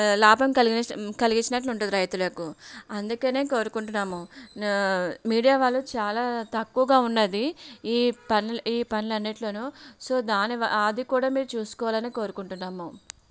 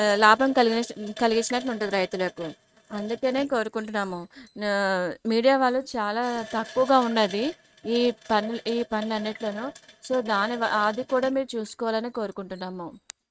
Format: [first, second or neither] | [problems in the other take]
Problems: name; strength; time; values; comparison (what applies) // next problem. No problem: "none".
first | noise reduction (neural mask model RNNoise)